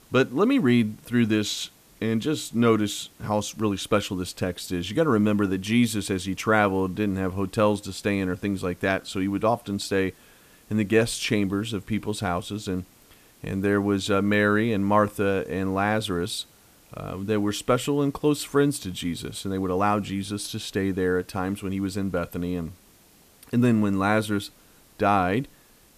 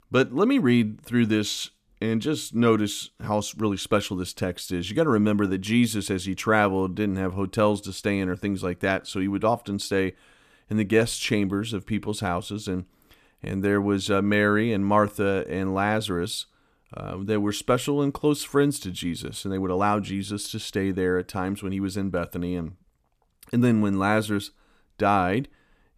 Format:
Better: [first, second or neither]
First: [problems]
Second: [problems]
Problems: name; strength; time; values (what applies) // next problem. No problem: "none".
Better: second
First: hiss; faint; throughout; 30 dB below the speech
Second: none